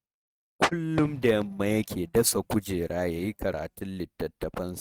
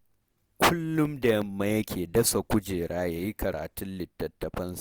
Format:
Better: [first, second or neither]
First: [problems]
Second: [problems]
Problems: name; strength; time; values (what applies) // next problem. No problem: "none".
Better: second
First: noise reduction (neural mask model RNNoise)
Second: none